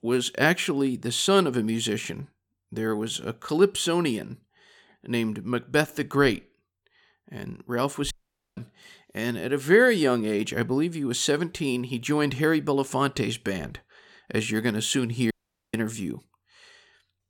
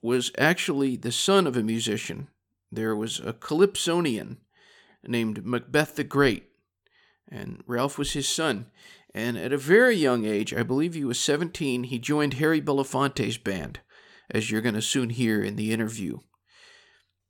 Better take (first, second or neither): second